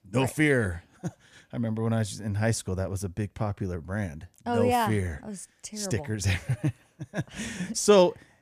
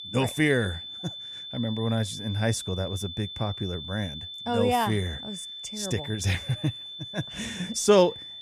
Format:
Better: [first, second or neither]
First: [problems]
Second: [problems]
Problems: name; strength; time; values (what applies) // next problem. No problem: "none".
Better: first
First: none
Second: high-pitched whine; loud; throughout; 3.5 kHz, 9 dB below the speech